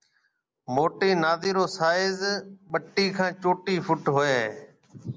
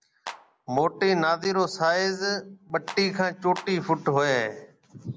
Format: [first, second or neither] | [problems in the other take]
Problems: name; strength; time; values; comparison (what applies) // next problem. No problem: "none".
first | background sound (Clapping); 15 dB below the speech